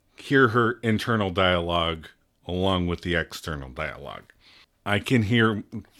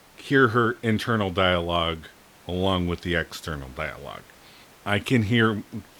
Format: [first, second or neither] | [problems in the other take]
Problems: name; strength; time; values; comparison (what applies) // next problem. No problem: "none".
first | hiss; faint; throughout; 25 dB below the speech